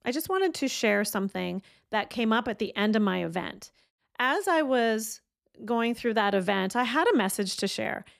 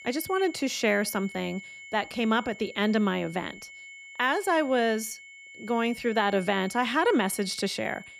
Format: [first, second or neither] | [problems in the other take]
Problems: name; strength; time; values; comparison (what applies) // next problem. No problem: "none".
first | high-pitched whine; noticeable; throughout; 2 kHz, 15 dB below the speech